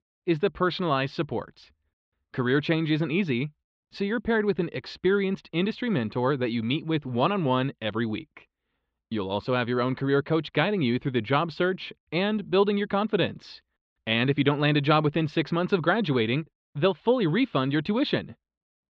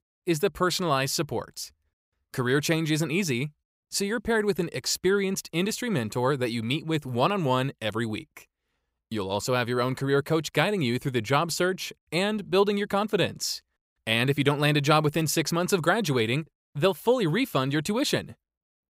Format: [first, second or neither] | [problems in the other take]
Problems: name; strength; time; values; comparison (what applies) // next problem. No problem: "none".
second | muffled; slightly; fading above 3.5 kHz